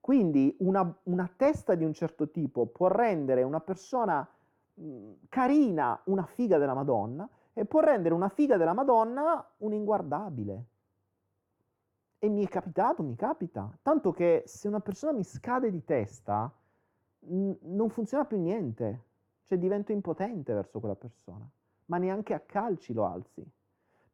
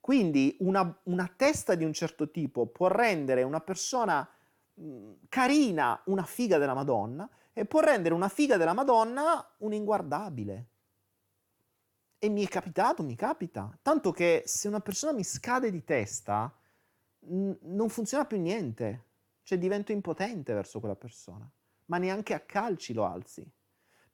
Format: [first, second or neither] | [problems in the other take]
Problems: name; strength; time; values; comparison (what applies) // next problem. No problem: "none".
second | muffled; very; fading above 2 kHz